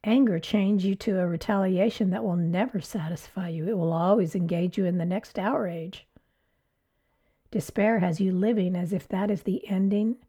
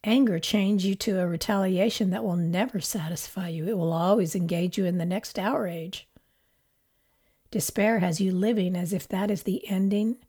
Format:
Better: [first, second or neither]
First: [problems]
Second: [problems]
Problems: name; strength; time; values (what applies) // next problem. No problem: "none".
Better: second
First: muffled; slightly; fading above 3 kHz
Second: none